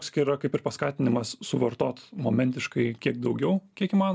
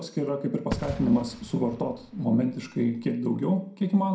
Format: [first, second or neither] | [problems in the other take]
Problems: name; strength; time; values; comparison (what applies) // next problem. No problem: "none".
first | background sound (Fireworks); 12 dB below the speech // room echo; dies away in 0.4 s